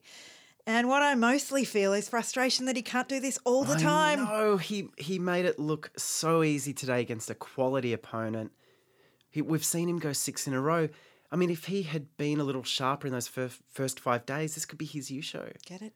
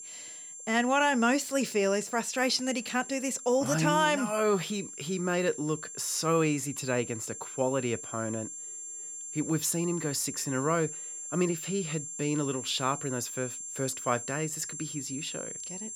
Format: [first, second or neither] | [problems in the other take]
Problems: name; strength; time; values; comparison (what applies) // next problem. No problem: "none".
first | high-pitched whine; loud; throughout; 7.5 kHz, 9 dB below the speech